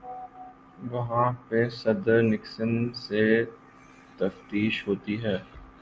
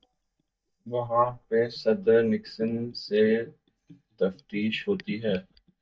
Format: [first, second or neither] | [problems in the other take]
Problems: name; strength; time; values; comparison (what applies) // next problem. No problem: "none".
first | noise reduction (neural mask model DeepFilterNet 3)